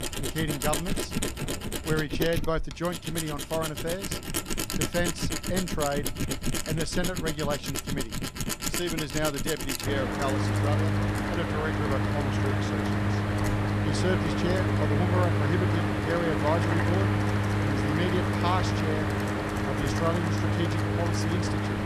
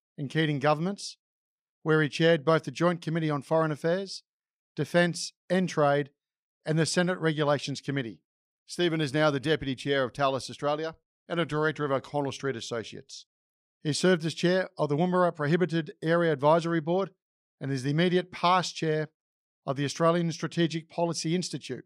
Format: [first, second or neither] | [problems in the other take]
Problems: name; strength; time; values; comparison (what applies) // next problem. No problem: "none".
second | machinery noise; very loud; throughout; 4 dB above the speech